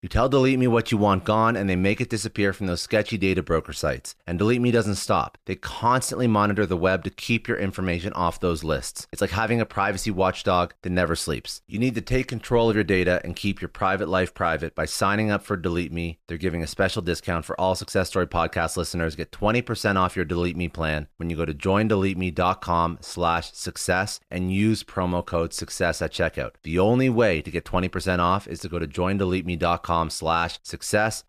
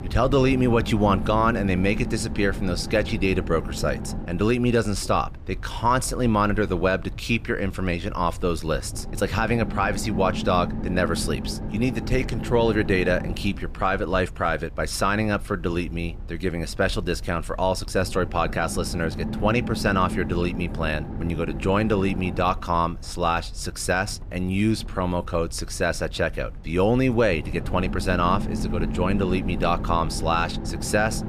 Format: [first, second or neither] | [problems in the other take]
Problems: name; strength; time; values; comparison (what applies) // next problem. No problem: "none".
first | low rumble; noticeable; throughout; 15 dB below the speech